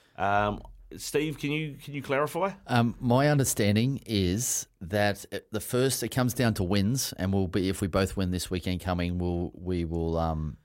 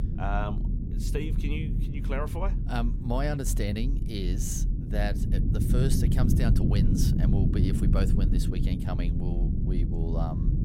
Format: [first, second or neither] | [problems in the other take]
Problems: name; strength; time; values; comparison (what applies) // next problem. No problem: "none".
first | low rumble; loud; throughout; 3 dB below the speech